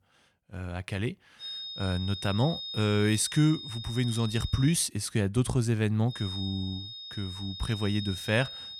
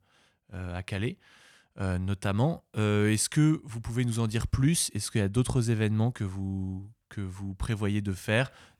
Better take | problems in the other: second | high-pitched whine; loud; from 1.5 to 4.5 s and from 6 s on; 3.5 kHz, 9 dB below the speech

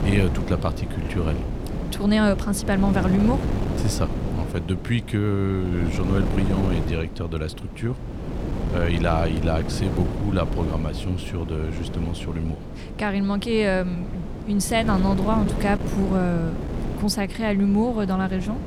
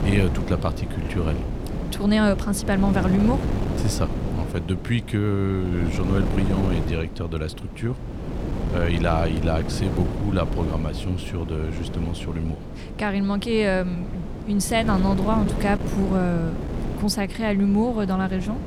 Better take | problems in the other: neither | wind noise on the microphone; heavy; 7 dB below the speech; the same in both

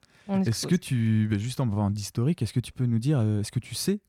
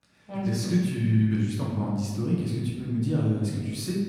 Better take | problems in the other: first | room echo; noticeable; dies away in 1.5 s // off-mic speech; far

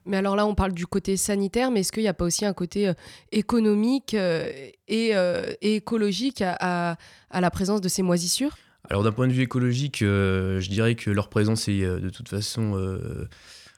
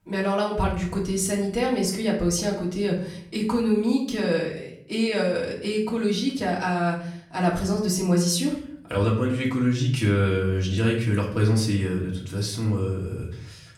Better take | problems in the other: first | off-mic speech; far // room echo; slight; dies away in 0.5 s

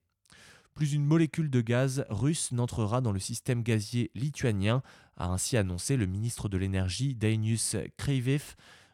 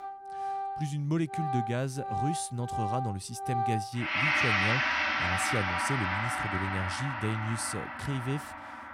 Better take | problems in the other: first | background music; very loud; throughout; 3 dB above the speech

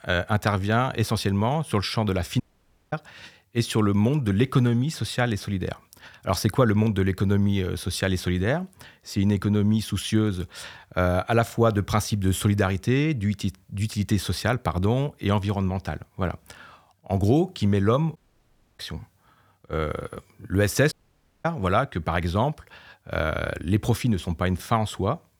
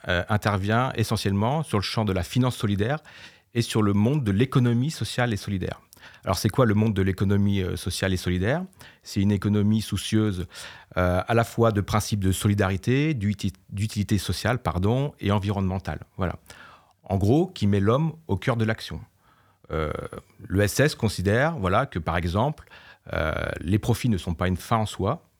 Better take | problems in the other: second | audio cutting out; at 2.5 s for 0.5 s, at 18 s for 0.5 s and at 21 s for 0.5 s

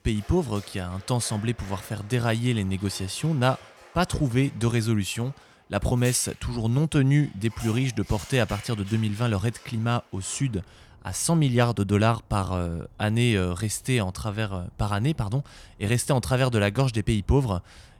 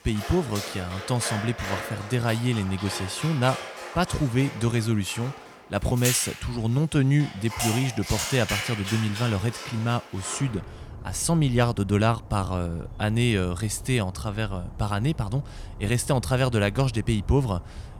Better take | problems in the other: first | animal sounds; loud; throughout; 9 dB below the speech; faint in the first

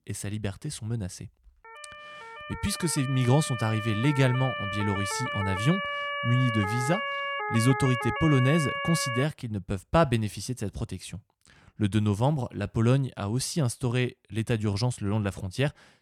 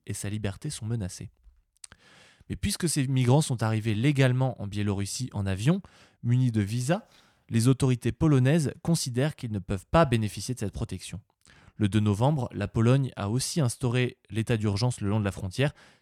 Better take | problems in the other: second | siren; noticeable; from 1.5 to 9 s; peak 2 dB below the speech

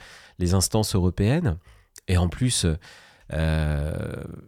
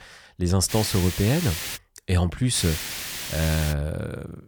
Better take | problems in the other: first | hiss; loud; from 0.5 to 2 s and from 2.5 to 3.5 s; 6 dB below the speech

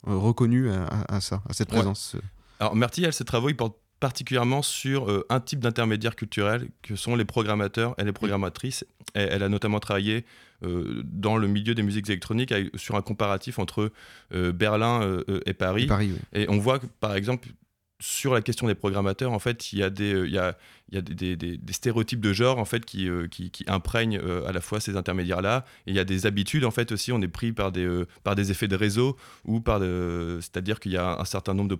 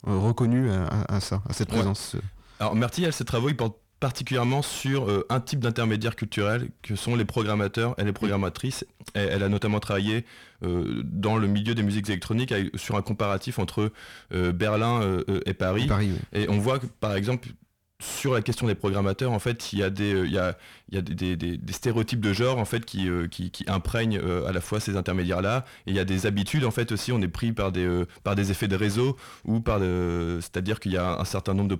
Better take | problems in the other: first | distortion; slight; 10 dB below the speech

